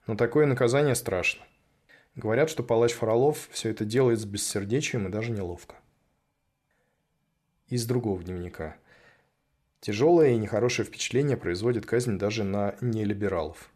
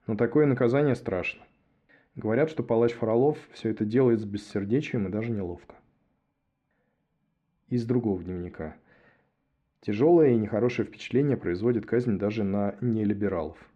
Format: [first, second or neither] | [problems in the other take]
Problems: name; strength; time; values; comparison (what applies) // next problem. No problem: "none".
first | muffled; slightly; fading above 2.5 kHz